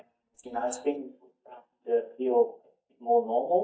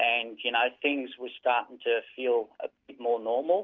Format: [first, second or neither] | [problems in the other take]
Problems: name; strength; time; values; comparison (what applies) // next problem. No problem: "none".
second | noise reduction (neural mask model DeepFilterNet 3)